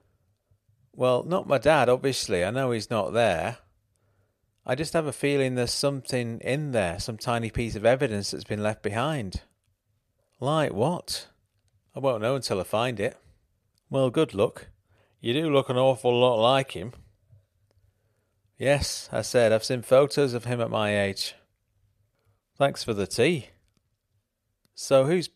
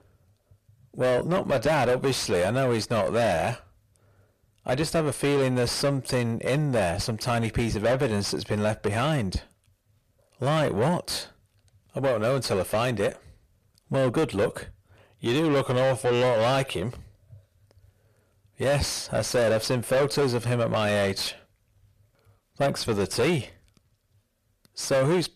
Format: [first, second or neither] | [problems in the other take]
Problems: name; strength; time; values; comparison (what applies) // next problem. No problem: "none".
first | distortion; heavy; 5 dB below the speech